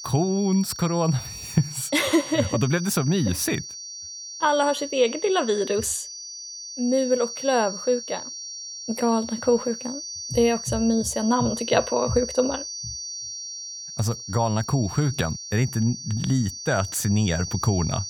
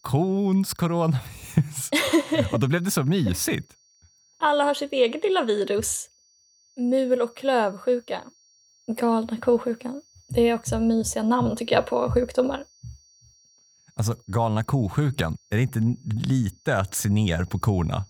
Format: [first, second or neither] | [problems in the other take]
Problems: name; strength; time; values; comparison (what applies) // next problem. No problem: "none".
second | high-pitched whine; loud; throughout; 6 kHz, 9 dB below the speech; faint in the second